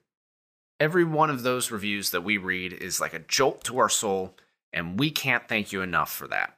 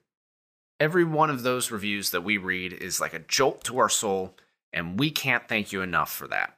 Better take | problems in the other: neither | none

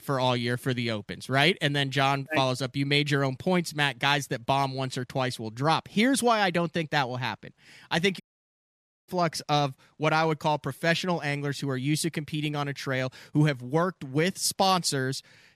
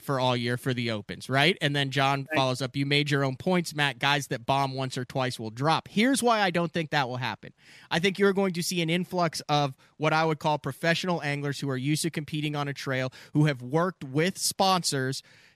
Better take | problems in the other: second | audio cutting out; at 8 s for 1 s

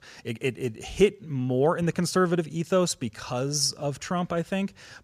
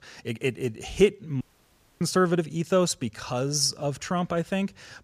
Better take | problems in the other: first | audio cutting out; at 1.5 s for 0.5 s

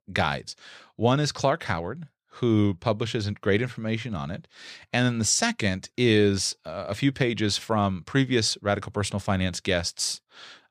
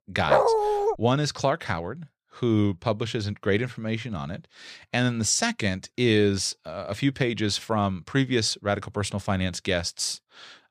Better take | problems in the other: first | dog barking; loud; at 0.5 s; peak 5 dB above the speech

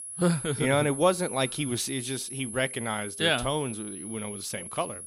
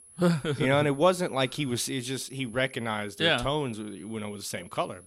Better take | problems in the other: second | high-pitched whine; loud; throughout; 10.5 kHz, 8 dB below the speech; faint in the second

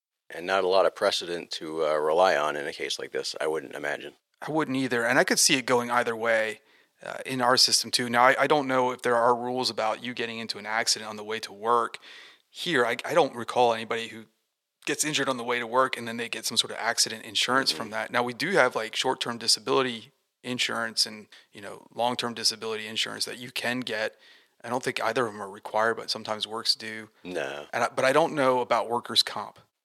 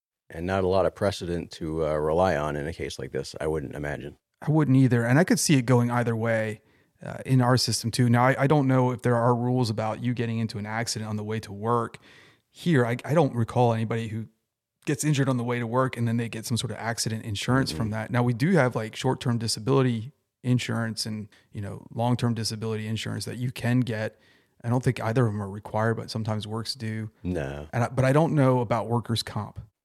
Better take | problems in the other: second | thin; somewhat; fading below 450 Hz

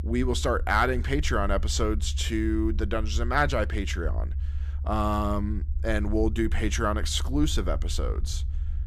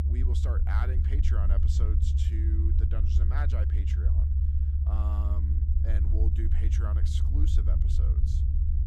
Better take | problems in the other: first | low rumble; loud; throughout; as loud as the speech; faint in the first

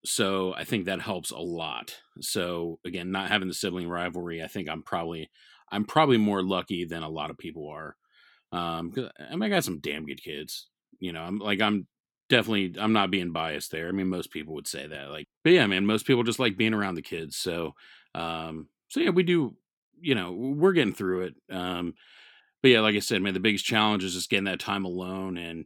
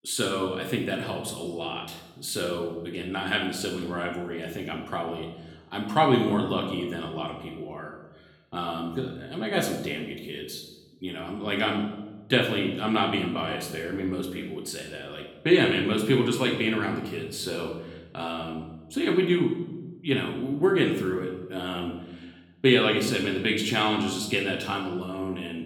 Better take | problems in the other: first | room echo; noticeable; dies away in 1 s // off-mic speech; somewhat distant

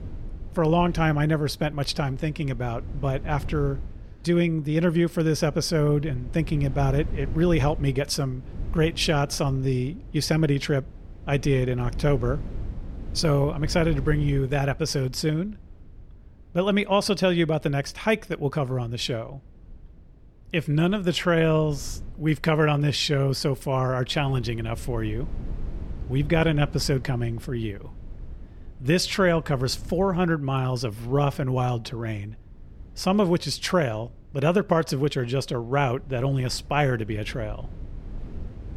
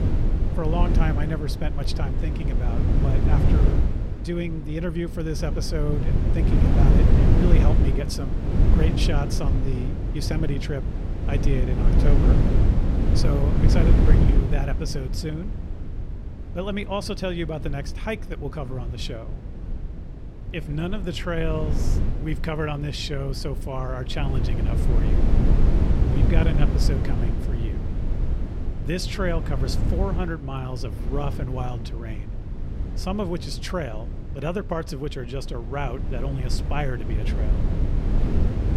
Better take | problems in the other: first | low rumble; loud; throughout; 3 dB below the speech; faint in the first

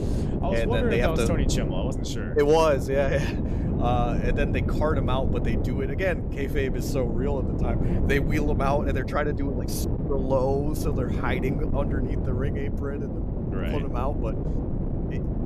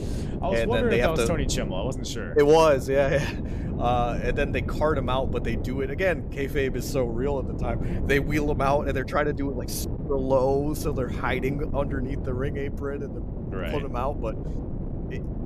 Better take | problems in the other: second | wind noise on the microphone; heavy; 7 dB below the speech; occasional gusts in the second

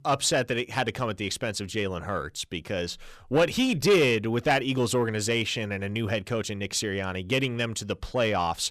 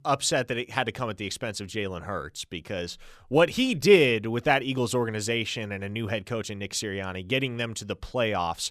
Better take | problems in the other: second | distortion; slight; 10 dB below the speech

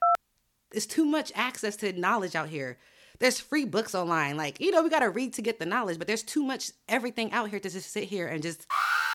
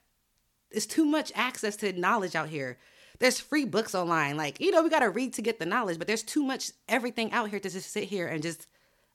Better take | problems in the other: second | phone ringing; loud; at the start; peak 3 dB above the speech // alarm; loud; at 8.5 s; peak 3 dB above the speech

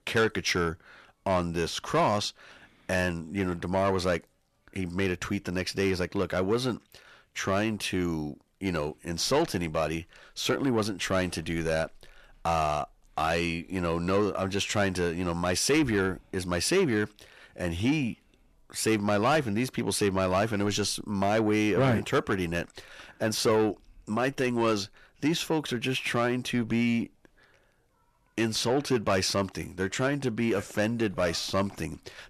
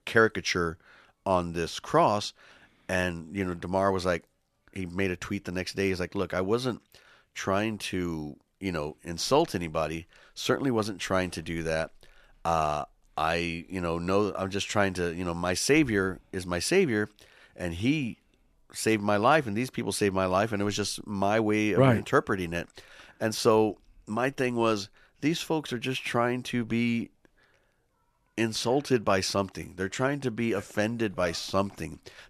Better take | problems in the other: second | distortion; slight; 10 dB below the speech

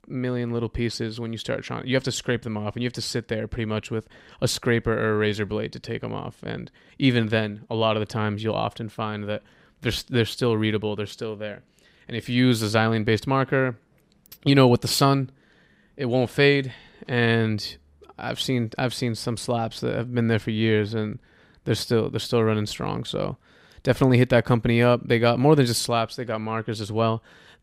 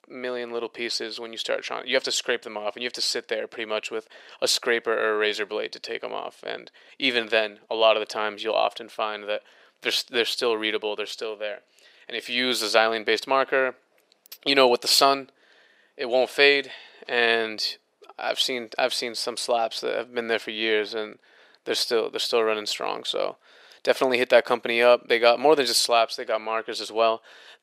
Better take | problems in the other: first | thin; very; fading below 400 Hz

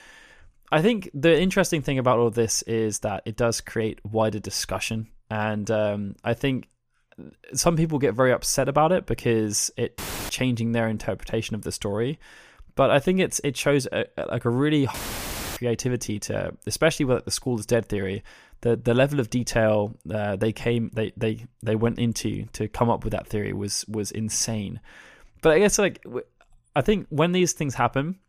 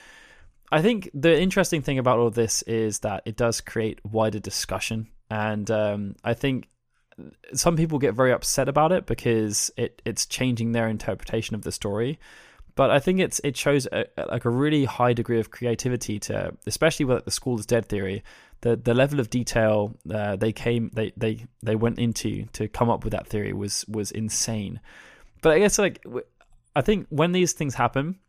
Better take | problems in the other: second | audio cutting out; filled with static; at 10 s and at 15 s for 0.5 s

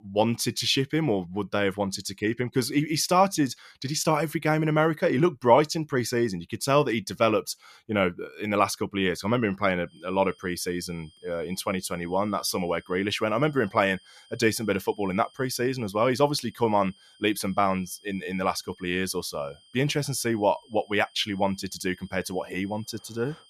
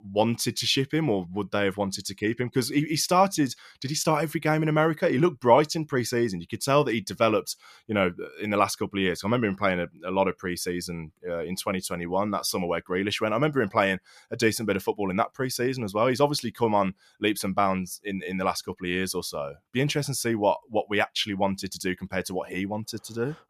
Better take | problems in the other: second | high-pitched whine; faint; from 10 s on; 3 kHz, 30 dB below the speech

